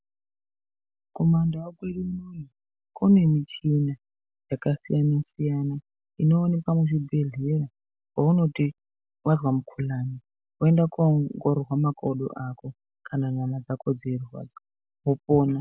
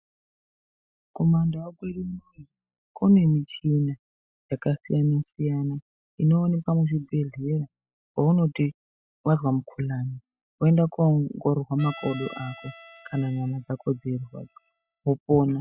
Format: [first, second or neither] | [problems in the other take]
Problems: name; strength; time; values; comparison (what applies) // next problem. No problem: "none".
first | noise reduction (classical method spectral subtraction)